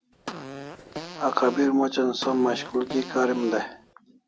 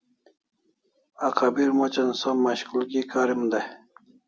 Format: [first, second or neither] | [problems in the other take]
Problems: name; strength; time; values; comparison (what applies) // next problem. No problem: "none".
second | background sound (Fart); 13 dB below the speech